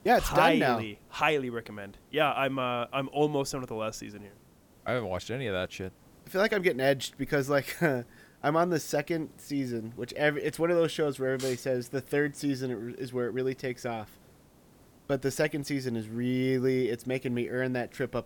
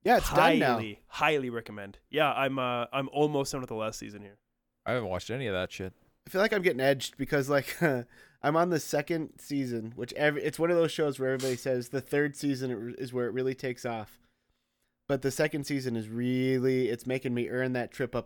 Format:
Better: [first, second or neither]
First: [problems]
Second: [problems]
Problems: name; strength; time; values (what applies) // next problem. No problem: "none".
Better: second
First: hiss; faint; throughout; 30 dB below the speech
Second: none